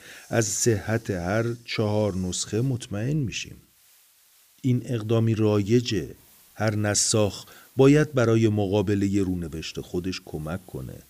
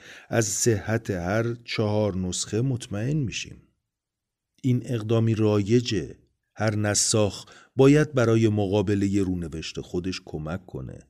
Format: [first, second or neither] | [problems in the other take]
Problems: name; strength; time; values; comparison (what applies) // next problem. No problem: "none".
second | hiss; faint; throughout; 30 dB below the speech